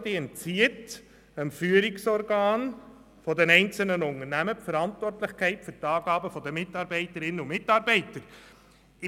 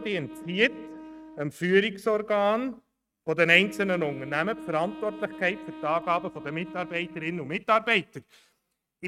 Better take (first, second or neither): first